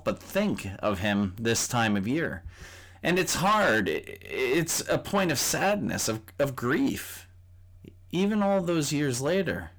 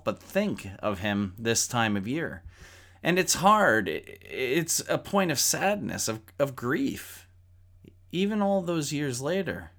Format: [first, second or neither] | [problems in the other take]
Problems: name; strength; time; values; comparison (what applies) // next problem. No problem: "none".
second | distortion; heavy; 7 dB below the speech